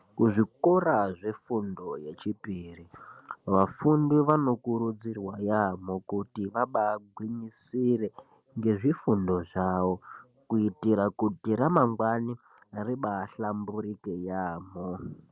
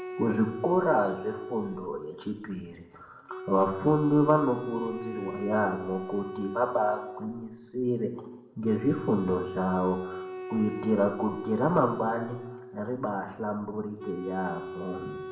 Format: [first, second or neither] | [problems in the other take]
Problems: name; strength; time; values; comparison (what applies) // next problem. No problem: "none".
first | background sound (Wind instrument, woodwind instrument); 11 dB below the speech // room echo; dies away in 0.7 s